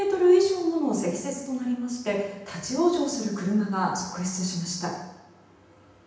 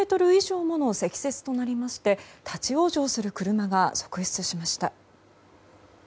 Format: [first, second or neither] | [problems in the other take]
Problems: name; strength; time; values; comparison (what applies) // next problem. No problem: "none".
second | room echo; dies away in 0.9 s